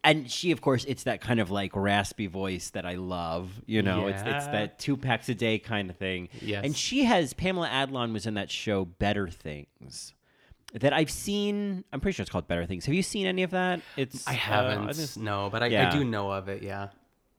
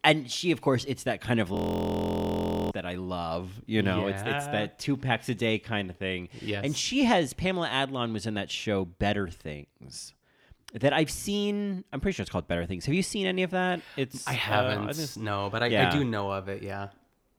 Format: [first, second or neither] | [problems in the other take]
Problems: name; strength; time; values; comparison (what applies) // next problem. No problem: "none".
first | audio freezing; at 1.5 s for 1 s